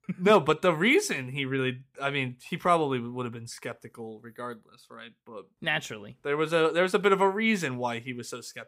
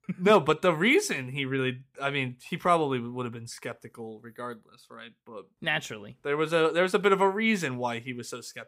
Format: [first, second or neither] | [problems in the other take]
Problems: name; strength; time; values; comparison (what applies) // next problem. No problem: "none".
neither | none